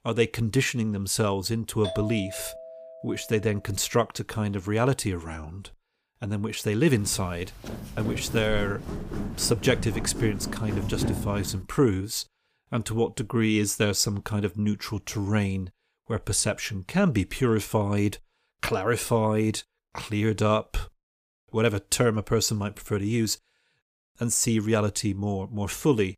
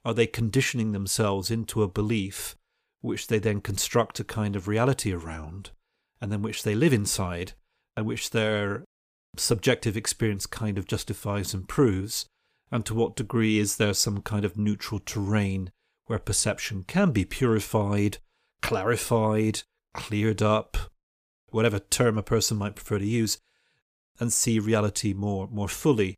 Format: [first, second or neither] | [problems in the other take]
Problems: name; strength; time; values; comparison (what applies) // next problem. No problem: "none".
second | doorbell; noticeable; from 2 to 3.5 s; peak 8 dB below the speech // footsteps; noticeable; from 7 to 12 s; peak 3 dB below the speech